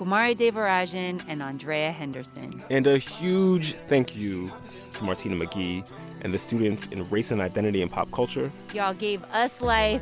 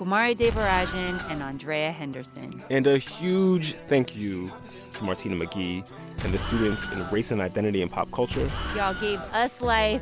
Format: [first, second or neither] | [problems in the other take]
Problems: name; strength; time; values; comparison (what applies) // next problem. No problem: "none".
first | background sound (Explosion); 6 dB below the speech